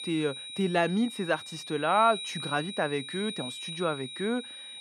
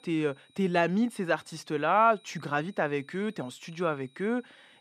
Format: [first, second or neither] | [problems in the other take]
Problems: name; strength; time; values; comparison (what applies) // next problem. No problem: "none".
second | high-pitched whine; loud; throughout; 4 kHz, 8 dB below the speech; faint in the second